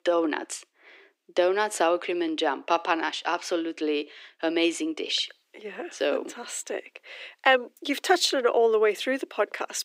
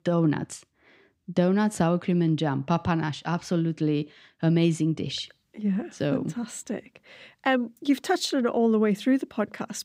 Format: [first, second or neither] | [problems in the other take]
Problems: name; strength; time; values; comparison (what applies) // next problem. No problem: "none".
second | thin; very; fading below 350 Hz